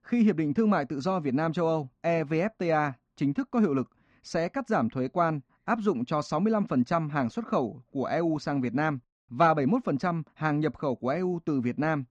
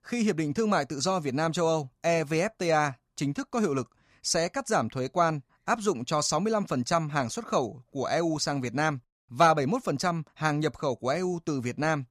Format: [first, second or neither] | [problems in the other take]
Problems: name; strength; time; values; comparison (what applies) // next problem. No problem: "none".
second | muffled; slightly; fading above 2.5 kHz